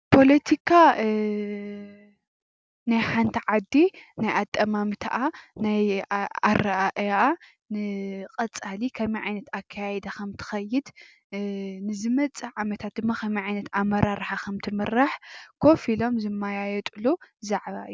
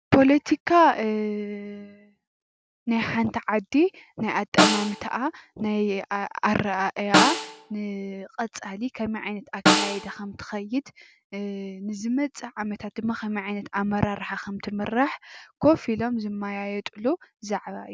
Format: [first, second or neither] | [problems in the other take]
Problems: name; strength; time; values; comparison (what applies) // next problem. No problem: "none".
first | background sound (Snare drum); 2 dB below the speech